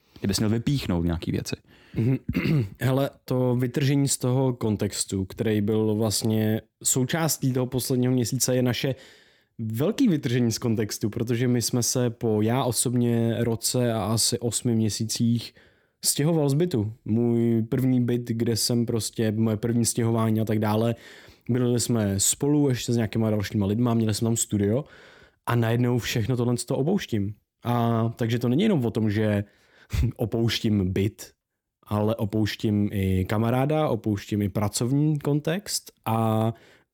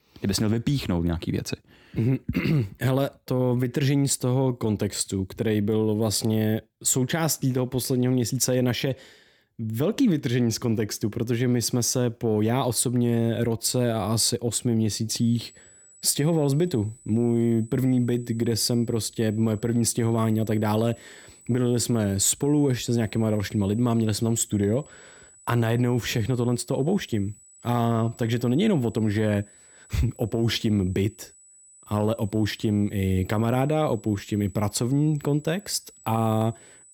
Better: first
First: none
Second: high-pitched whine; faint; from 15 s on; 8 kHz, 25 dB below the speech

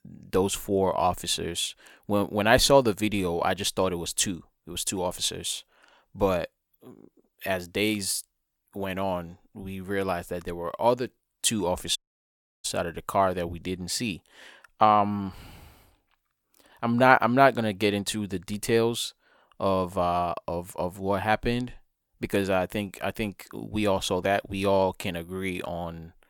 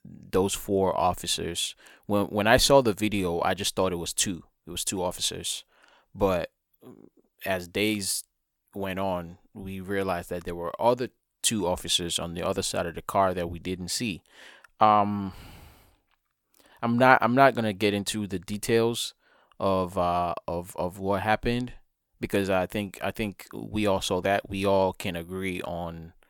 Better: second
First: audio cutting out; at 12 s for 0.5 s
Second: none

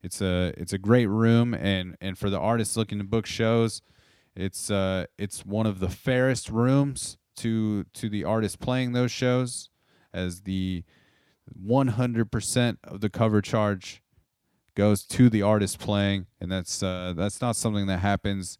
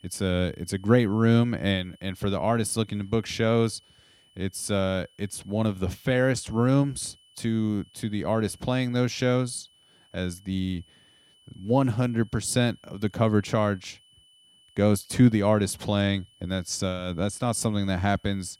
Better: first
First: none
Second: high-pitched whine; faint; throughout; 3 kHz, 30 dB below the speech

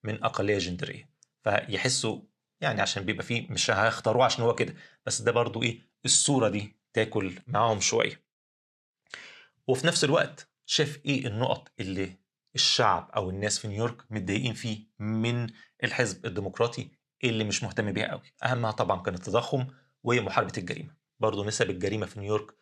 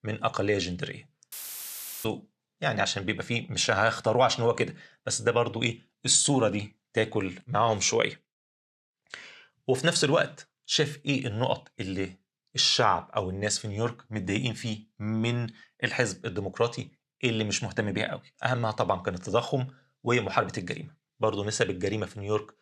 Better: first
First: none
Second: audio cutting out; filled with static; at 1.5 s for 0.5 s

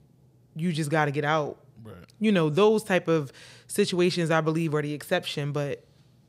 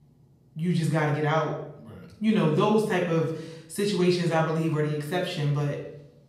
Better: first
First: none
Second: off-mic speech; far // room echo; noticeable; dies away in 0.6 s

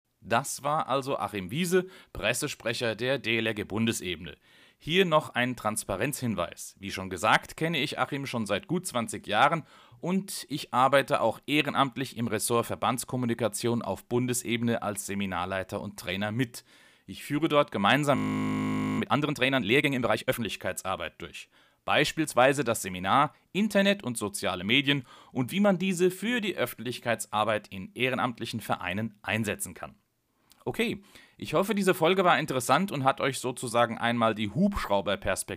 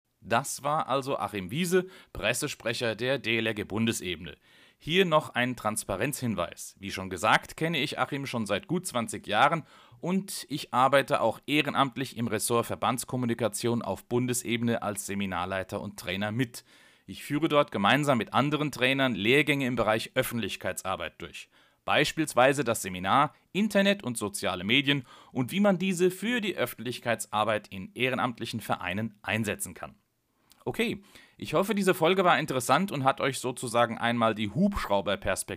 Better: second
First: audio freezing; at 18 s for 1 s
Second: none

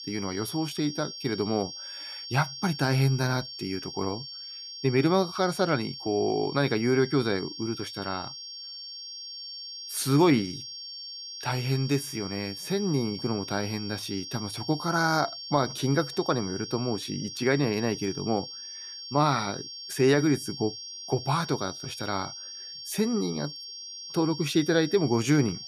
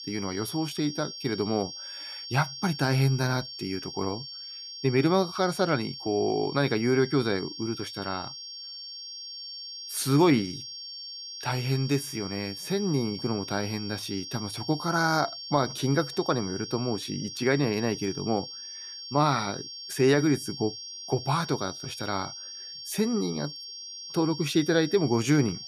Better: neither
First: high-pitched whine; loud; throughout; 5.5 kHz, 9 dB below the speech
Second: high-pitched whine; loud; throughout; 5.5 kHz, 9 dB below the speech

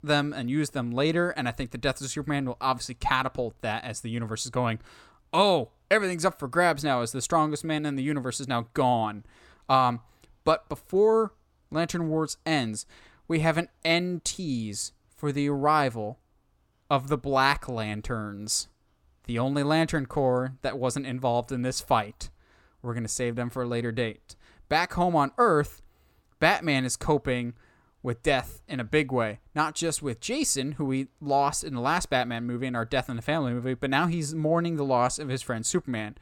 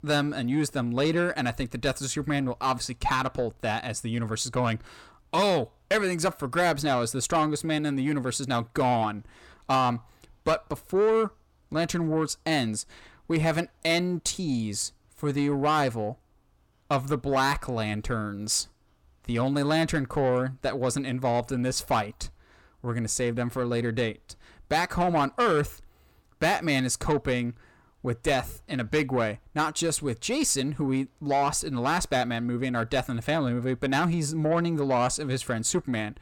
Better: first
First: none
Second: distortion; slight; 10 dB below the speech

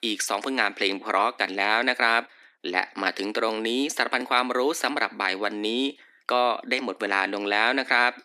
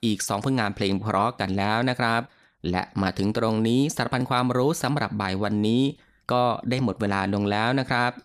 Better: second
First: thin; somewhat; fading below 300 Hz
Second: none

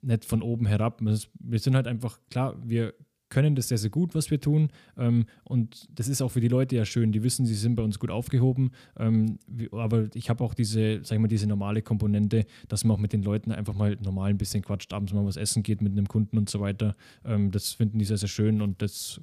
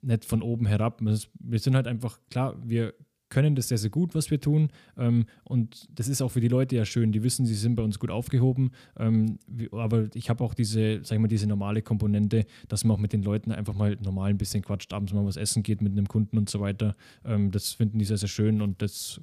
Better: neither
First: none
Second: none

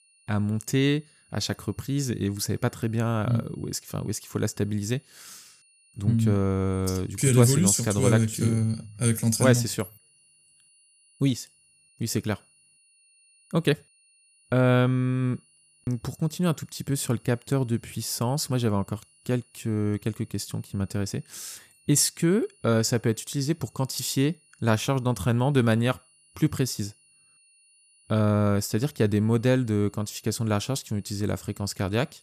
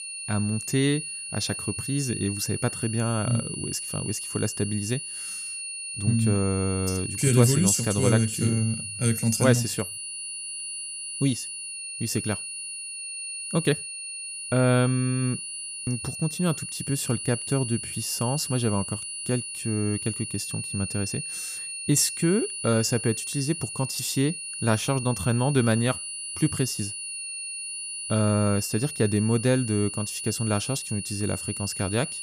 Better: first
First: high-pitched whine; faint; throughout; 9.5 kHz, 30 dB below the speech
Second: high-pitched whine; loud; throughout; 9.5 kHz, 6 dB below the speech

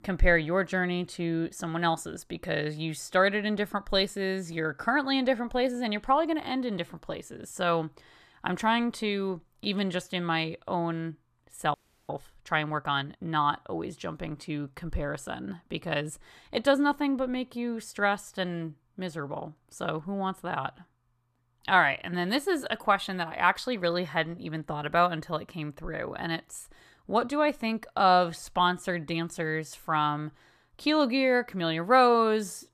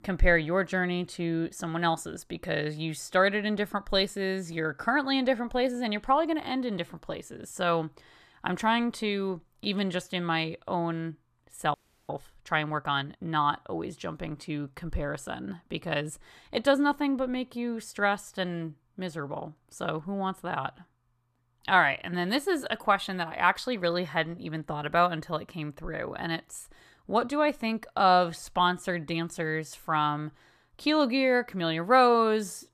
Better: neither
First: audio freezing; at 12 s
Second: audio freezing; at 12 s

